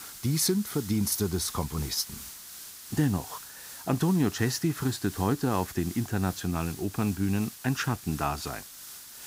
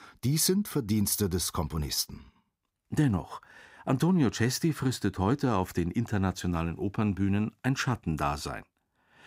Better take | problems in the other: second | hiss; noticeable; throughout; 10 dB below the speech

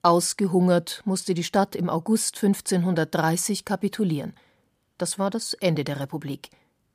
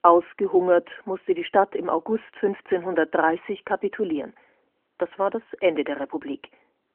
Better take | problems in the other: first | phone-call audio; nothing above 3 kHz

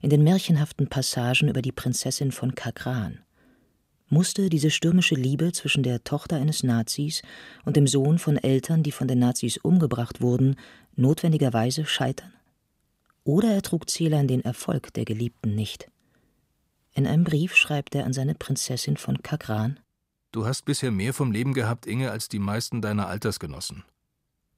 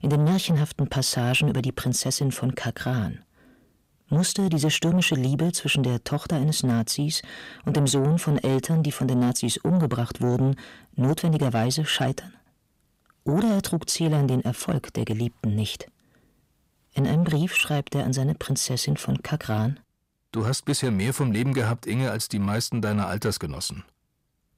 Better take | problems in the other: first | distortion; slight; 10 dB below the speech

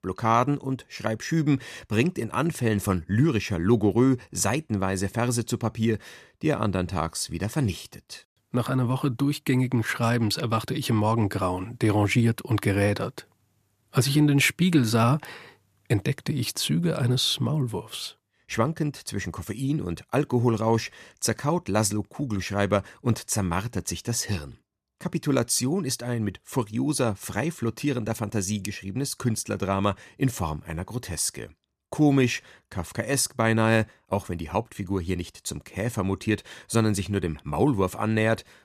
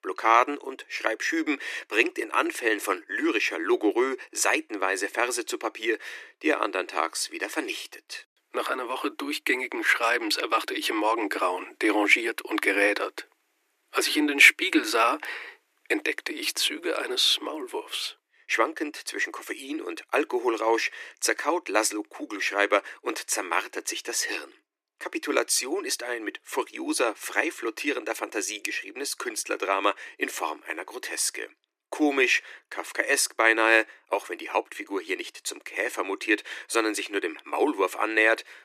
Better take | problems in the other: first | thin; very; fading below 300 Hz

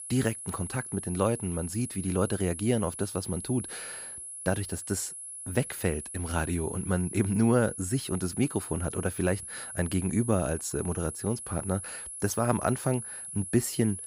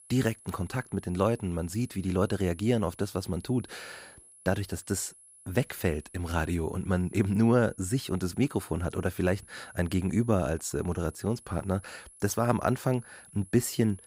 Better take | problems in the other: second | high-pitched whine; loud; throughout; 10.5 kHz, 8 dB below the speech; faint in the second

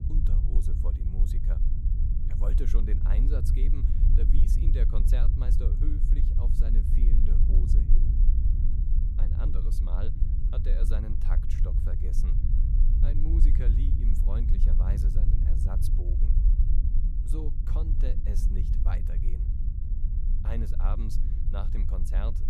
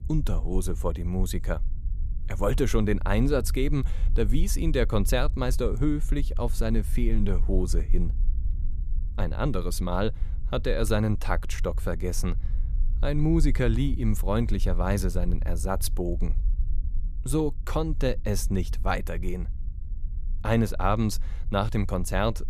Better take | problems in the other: second | low rumble; loud; throughout; 1 dB below the speech; faint in the second

